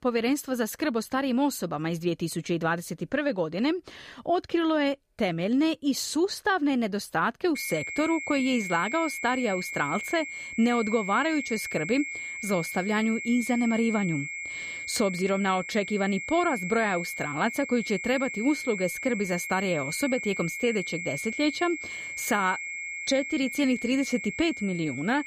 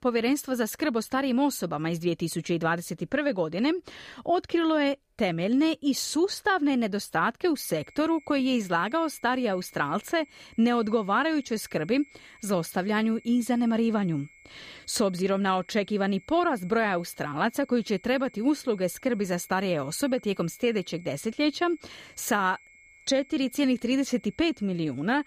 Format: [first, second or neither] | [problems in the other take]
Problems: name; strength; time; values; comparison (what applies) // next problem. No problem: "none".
second | high-pitched whine; loud; from 7.5 s on; 2 kHz, 6 dB below the speech; faint in the second